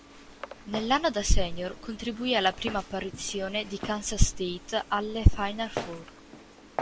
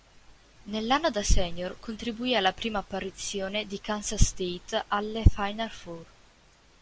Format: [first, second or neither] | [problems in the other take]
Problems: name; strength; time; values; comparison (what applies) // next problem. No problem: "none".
second | background sound (Walk, footsteps); 15 dB below the speech